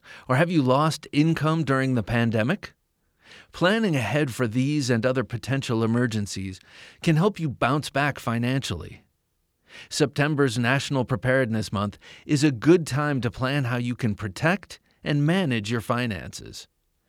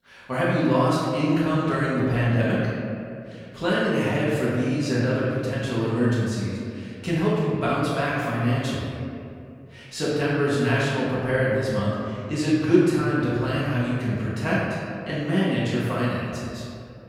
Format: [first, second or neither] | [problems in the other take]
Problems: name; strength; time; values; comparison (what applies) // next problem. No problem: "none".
first | room echo; strong; dies away in 2.2 s // off-mic speech; far